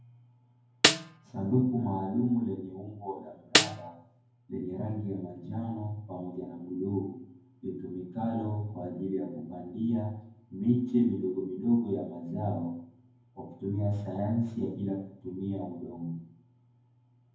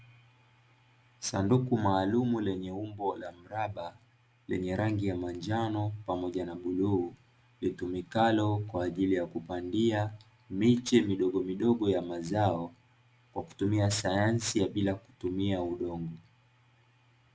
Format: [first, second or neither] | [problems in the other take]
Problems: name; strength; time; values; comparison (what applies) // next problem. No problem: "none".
second | background sound (Snare drum); 5 dB above the speech // room echo; dies away in 0.9 s